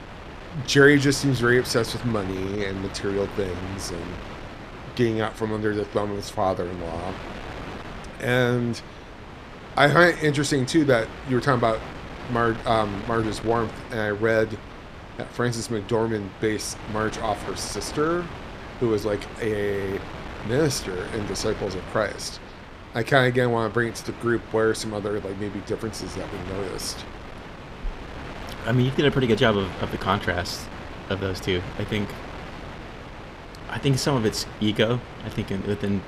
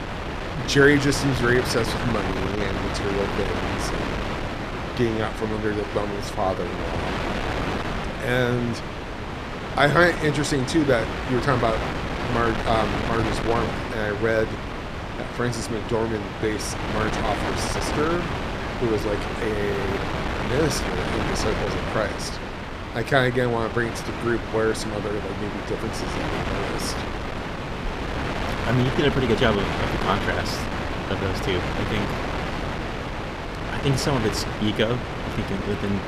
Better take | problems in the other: first | wind noise on the microphone; heavy; 3 dB below the speech; occasional gusts in the first

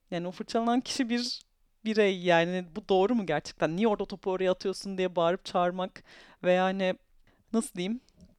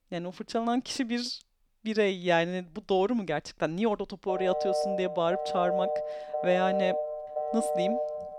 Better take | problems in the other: first | phone ringing; loud; from 4.5 s on; peak 1 dB above the speech

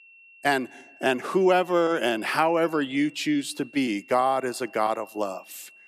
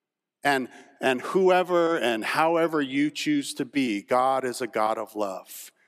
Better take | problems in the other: second | high-pitched whine; faint; throughout; 2.5 kHz, 25 dB below the speech

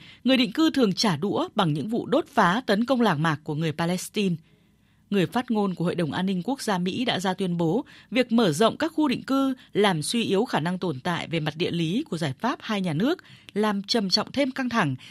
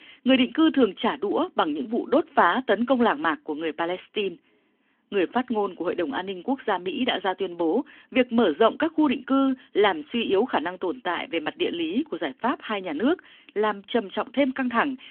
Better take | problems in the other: first | phone-call audio; nothing above 3.5 kHz

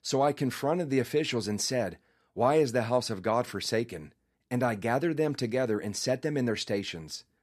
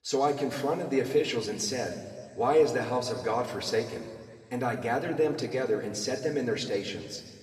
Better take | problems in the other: first | room echo; slight; dies away in 1.8 s // off-mic speech; somewhat distant

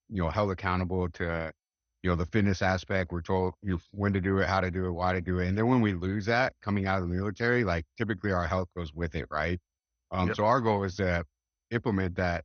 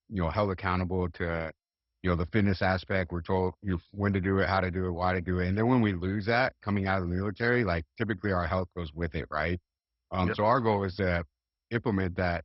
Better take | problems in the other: first | garbled, watery; badly; nothing above 5.5 kHz; slightly in the first

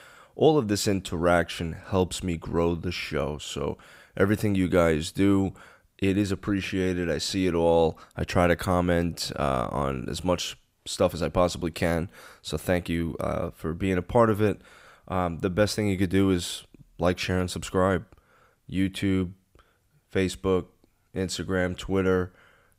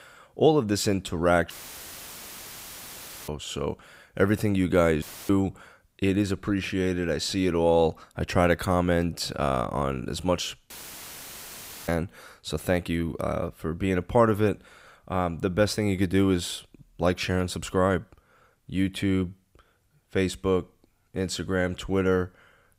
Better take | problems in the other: first | audio cutting out; filled with static; at 1.5 s for 2 s, at 5 s and at 11 s for 1 s

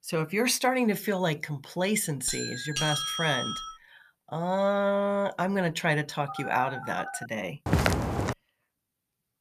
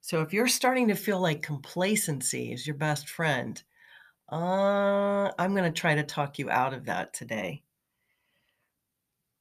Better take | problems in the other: second | doorbell; loud; from 2.5 to 3.5 s; peak level with the speech // phone ringing; noticeable; at 6.5 s; peak 10 dB below the speech // footsteps; loud; at 7.5 s; peak 3 dB above the speech

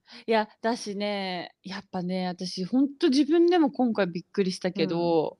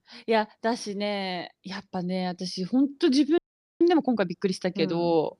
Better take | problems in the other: first | audio freezing; at 3.5 s

